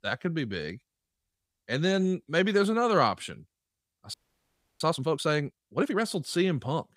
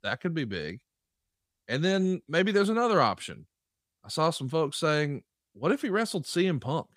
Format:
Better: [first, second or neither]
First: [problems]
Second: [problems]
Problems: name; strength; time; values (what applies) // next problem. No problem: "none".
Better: second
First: audio freezing; at 4 s for 0.5 s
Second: none